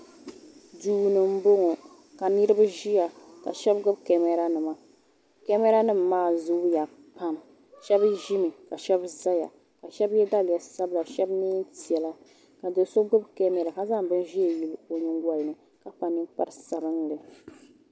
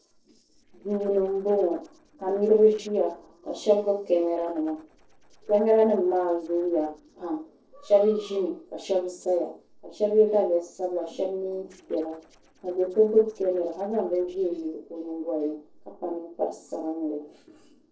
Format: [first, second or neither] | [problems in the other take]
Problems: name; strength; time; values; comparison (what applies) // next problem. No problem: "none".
first | noise reduction (neural separator model SepFormer DNS4)